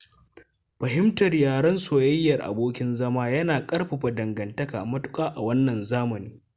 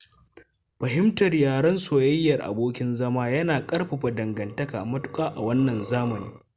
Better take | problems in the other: first | background sound (Burping, eructation); 18 dB below the speech

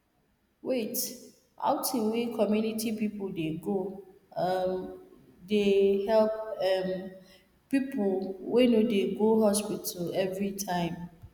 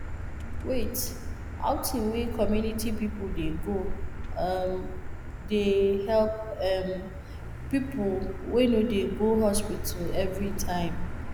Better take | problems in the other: first | background sound (Motor vehicle (road)); 4 dB below the speech

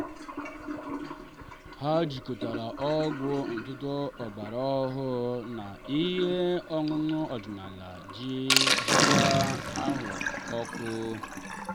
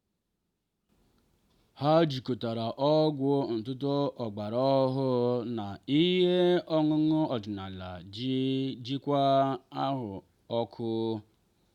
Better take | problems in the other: second | background sound (Sink (filling or washing)); as loud as the speech

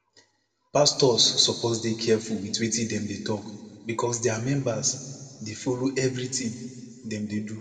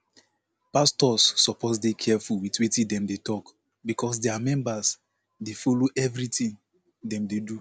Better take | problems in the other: second | room echo; dies away in 1.8 s

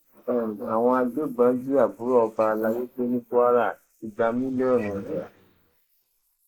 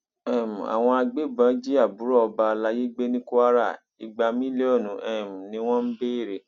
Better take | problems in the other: second | noise reduction (neural mask model Resemble Enhance denoiser)

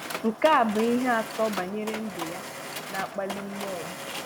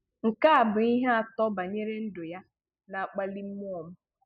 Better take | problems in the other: second | background sound (Mechanisms); 9 dB below the speech

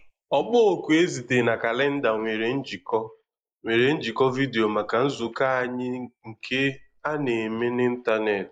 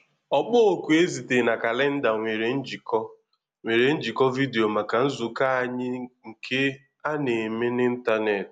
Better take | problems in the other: second | noise reduction (neural mask model Resemble Enhance denoiser)

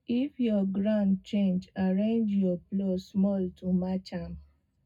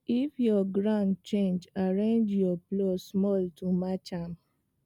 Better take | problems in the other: second | room echo; dies away in 0.3 s

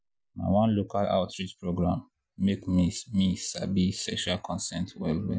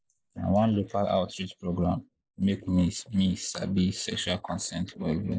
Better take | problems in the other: first | noise reduction (neural mask model Resemble Enhance denoiser)

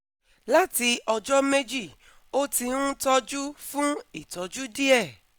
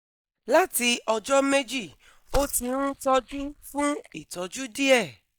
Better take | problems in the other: first | noise reduction (neural mask model DeepFilterNet 3)

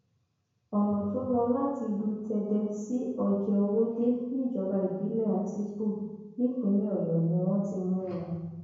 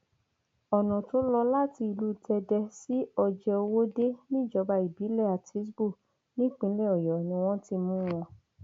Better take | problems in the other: second | room echo; dies away in 1 s

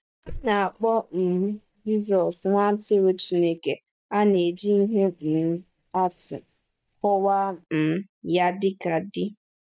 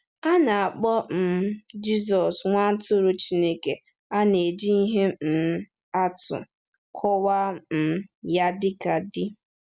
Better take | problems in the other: second | noise reduction (neural mask model DeepFilterNet 3)

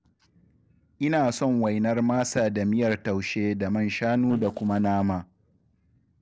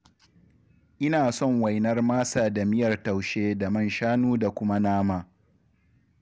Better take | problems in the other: second | noise reduction (neural separator model SepFormer DNS4)

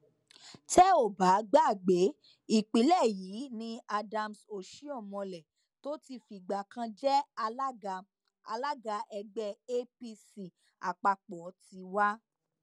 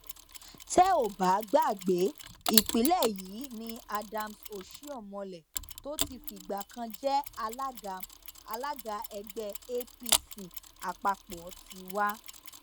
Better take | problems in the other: first | background sound (Mechanisms); 6 dB below the speech

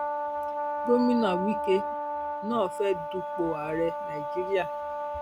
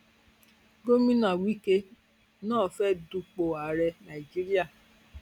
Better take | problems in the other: second | background sound (Brass instrument); 3 dB below the speech

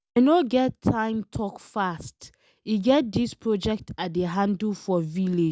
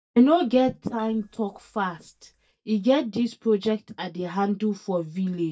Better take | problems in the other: first | noise reduction (neural mask model DeepFilterNet 3)

